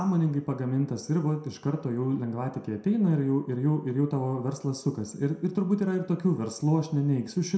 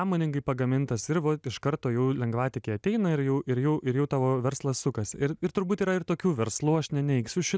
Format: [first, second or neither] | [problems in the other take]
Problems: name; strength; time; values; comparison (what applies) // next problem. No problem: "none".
second | room echo; dies away in 0.5 s